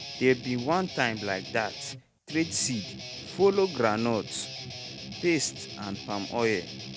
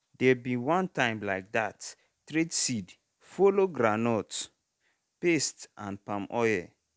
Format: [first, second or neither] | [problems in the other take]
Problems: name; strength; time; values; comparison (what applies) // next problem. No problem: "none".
second | background sound (Guitar); 11 dB below the speech